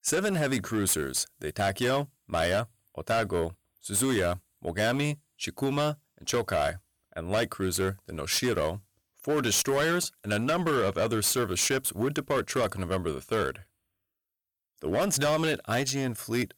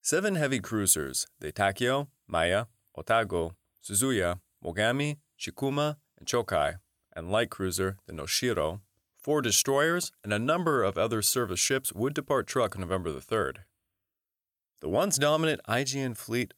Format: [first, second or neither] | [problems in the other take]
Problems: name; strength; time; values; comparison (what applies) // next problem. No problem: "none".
second | distortion; slight; 10% of the sound clipped